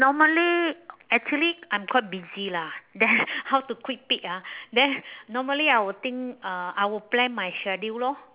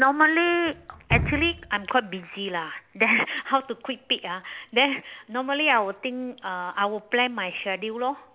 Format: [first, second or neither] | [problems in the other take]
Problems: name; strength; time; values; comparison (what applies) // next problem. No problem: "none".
first | background sound (Drip); 14 dB below the speech